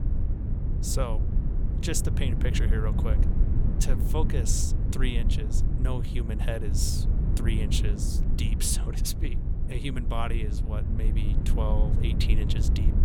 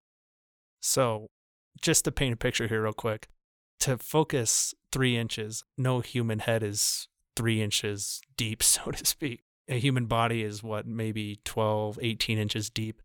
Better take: second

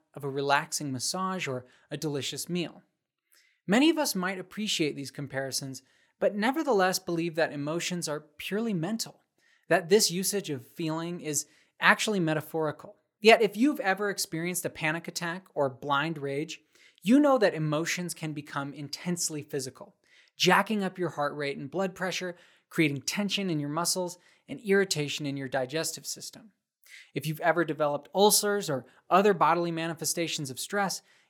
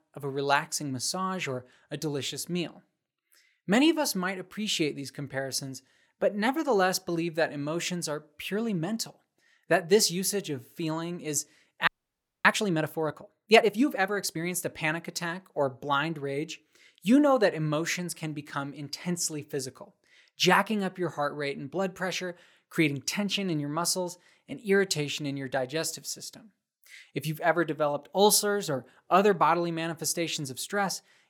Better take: first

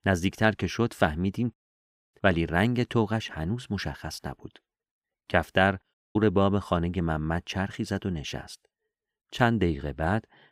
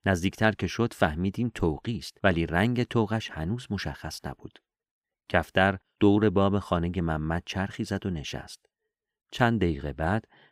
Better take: second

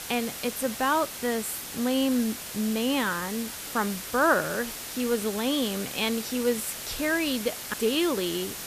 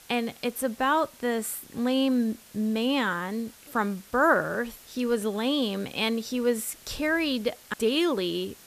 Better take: second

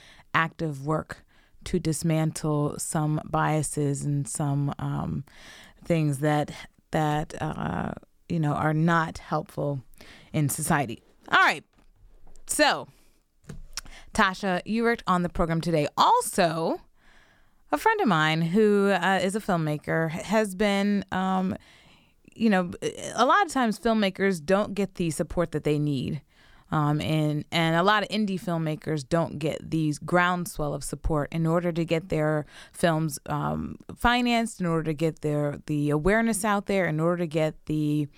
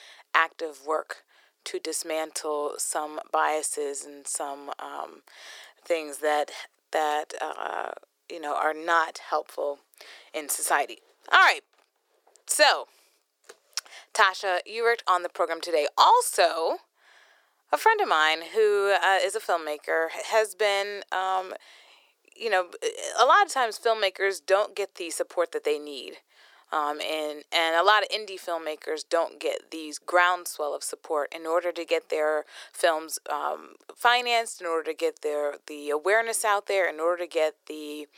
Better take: first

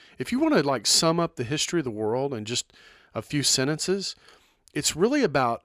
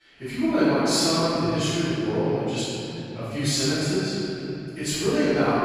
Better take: first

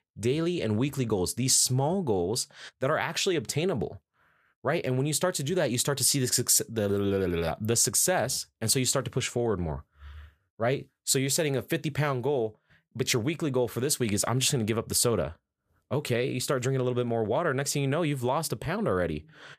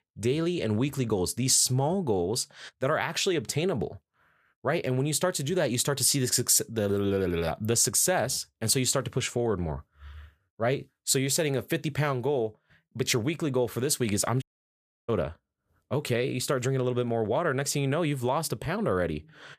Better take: first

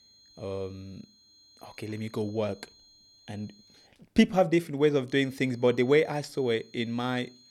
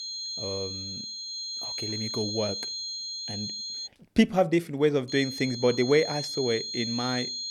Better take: first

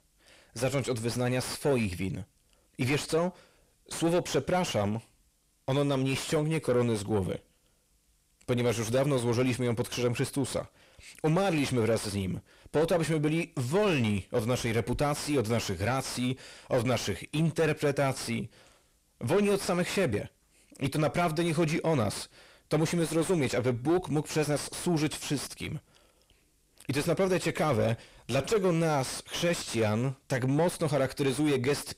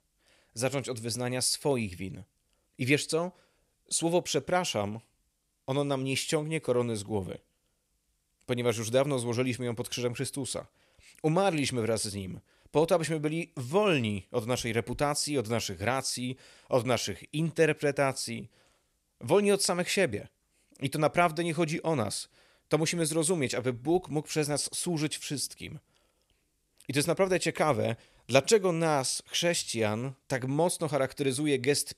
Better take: second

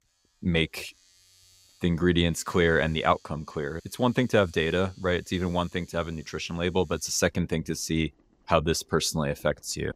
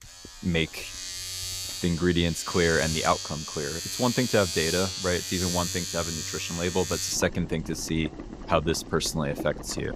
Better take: first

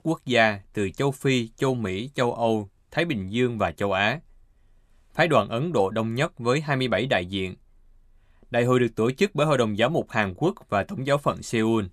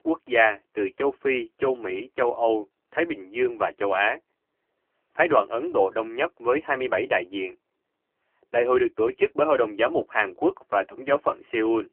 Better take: first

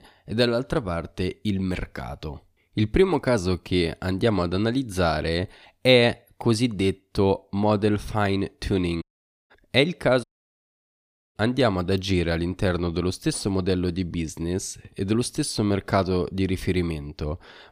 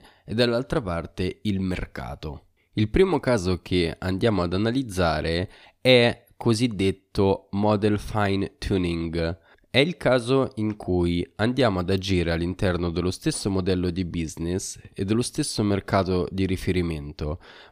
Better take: second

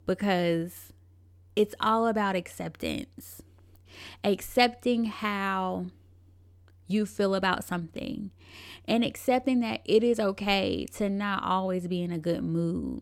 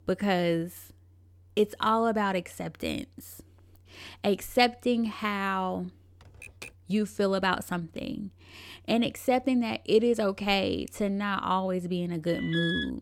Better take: first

